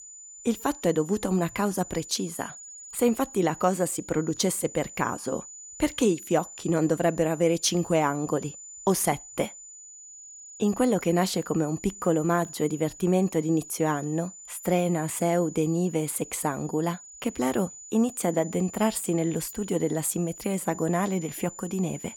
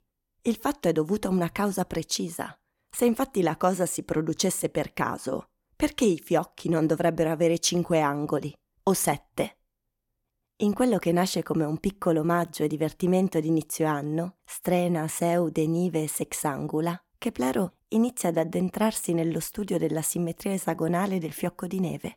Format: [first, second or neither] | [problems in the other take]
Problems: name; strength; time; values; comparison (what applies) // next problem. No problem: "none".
second | high-pitched whine; noticeable; throughout; 7 kHz, 15 dB below the speech